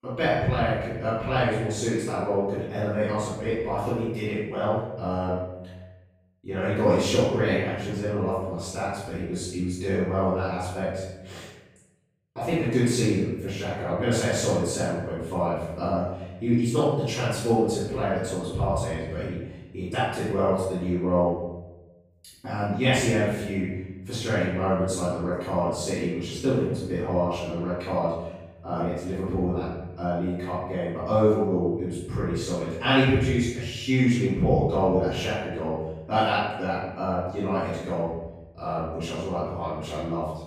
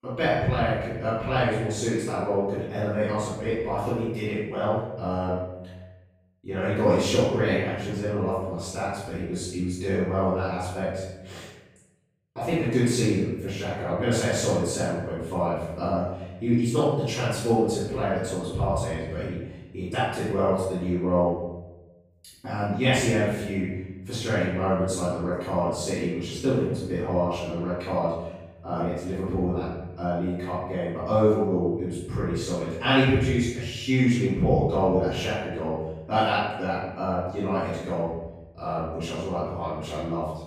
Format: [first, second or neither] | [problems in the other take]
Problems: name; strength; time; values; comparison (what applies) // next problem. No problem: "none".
neither | off-mic speech; far; the same in both // room echo; strong; dies away in 1 s; the same in both